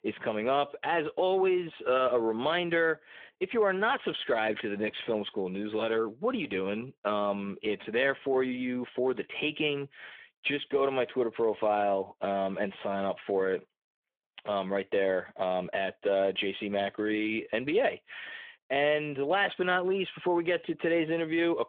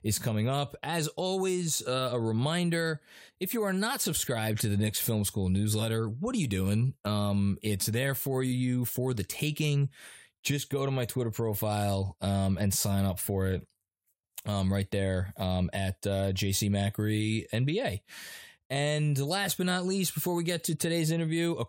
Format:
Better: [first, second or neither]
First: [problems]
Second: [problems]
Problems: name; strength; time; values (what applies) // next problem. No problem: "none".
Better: second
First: phone-call audio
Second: none